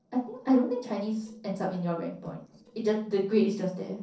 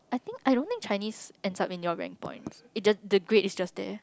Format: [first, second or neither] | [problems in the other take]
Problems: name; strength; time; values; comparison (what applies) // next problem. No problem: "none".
second | noise reduction (neural separator model SepFormer DNS4)